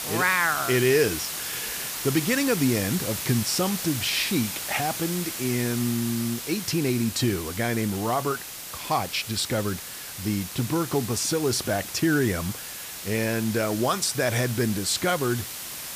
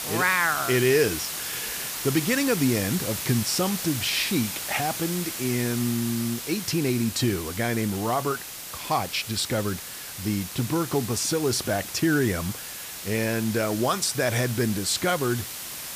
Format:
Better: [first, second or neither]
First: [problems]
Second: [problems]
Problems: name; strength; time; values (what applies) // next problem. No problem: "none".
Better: neither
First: hiss; loud; throughout; 6 dB below the speech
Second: hiss; loud; throughout; 6 dB below the speech